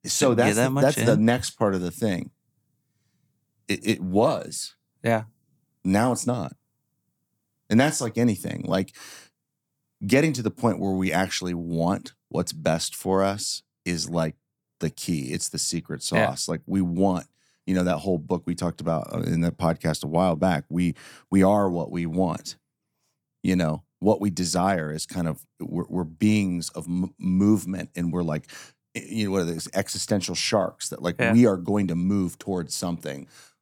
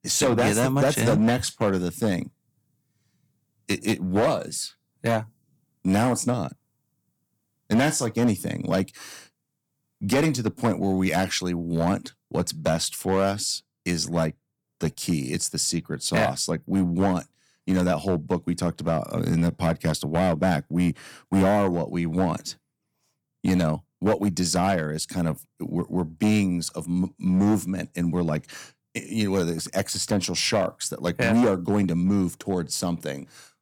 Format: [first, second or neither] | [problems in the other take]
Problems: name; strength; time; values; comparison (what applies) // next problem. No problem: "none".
first | distortion; slight; 5% of the sound clipped